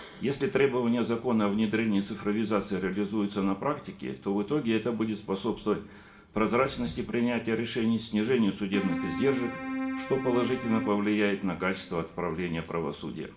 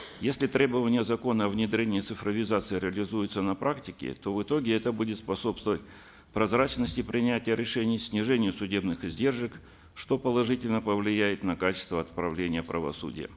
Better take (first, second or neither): second